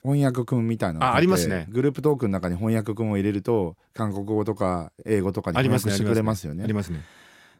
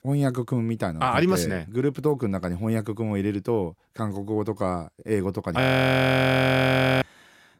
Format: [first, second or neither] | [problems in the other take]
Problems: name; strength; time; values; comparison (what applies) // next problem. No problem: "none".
first | audio freezing; at 5.5 s for 1.5 s